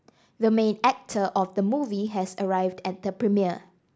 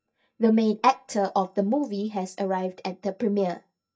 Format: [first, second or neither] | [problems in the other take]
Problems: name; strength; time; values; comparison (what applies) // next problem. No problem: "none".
first | noise reduction (neural mask model DeepFilterNet 3)